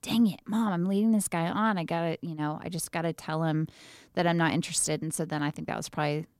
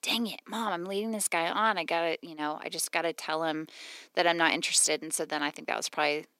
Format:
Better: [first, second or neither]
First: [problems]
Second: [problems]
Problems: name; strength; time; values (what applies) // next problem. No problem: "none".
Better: first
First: none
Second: thin; somewhat; fading below 350 Hz